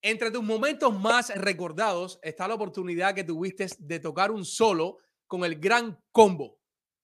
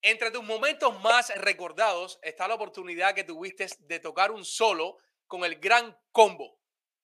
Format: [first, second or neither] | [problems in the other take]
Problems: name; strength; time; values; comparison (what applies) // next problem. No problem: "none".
first | thin; very; fading below 500 Hz